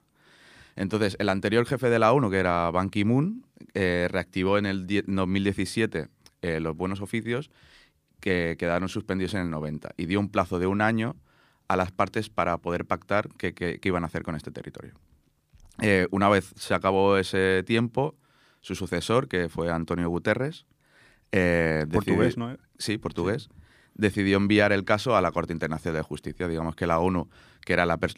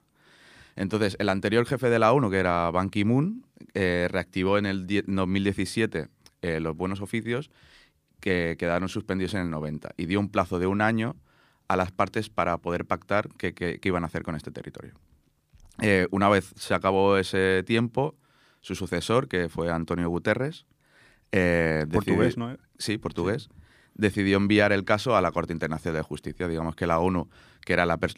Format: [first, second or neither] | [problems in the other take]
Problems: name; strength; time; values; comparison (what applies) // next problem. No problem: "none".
neither | none